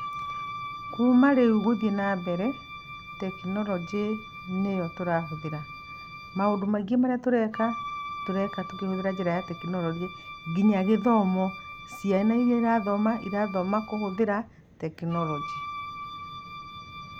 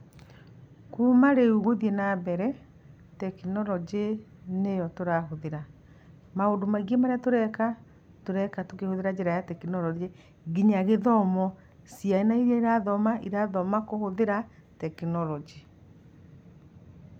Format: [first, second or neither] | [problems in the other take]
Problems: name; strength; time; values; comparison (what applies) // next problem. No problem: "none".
second | background sound (Wind instrument, woodwind instrument); 13 dB below the speech